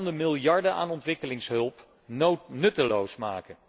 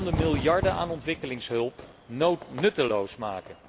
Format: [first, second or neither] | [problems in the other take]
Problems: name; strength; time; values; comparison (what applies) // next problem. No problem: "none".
first | background sound (Fire / Fireworks); 8 dB below the speech